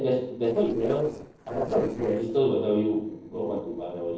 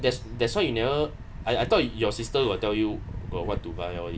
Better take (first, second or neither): second